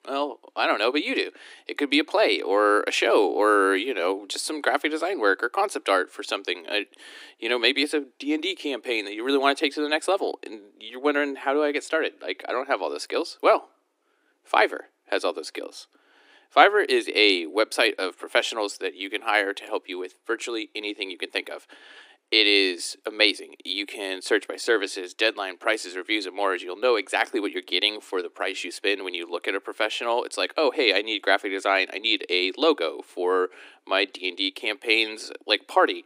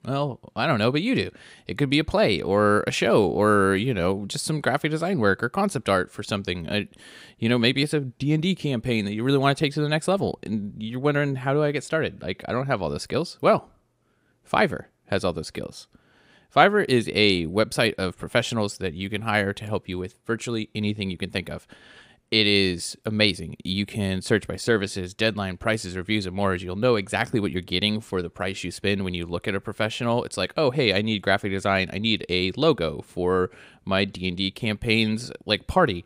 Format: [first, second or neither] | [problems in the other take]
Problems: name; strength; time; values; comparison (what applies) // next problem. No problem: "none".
second | thin; somewhat; fading below 300 Hz